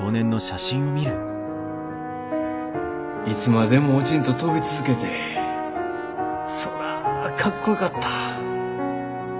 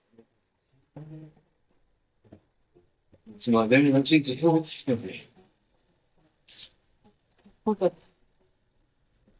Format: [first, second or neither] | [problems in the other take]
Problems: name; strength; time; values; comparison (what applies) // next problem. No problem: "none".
first | noise reduction (neural mask model DeepFilterNet 3)